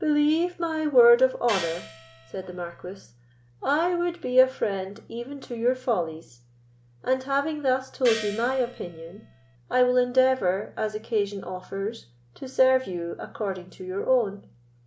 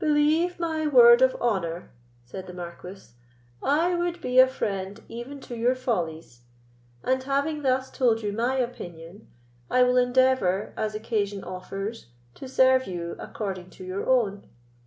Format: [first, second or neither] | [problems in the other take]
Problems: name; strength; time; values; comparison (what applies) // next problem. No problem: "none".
second | background sound (Gong); 13 dB below the speech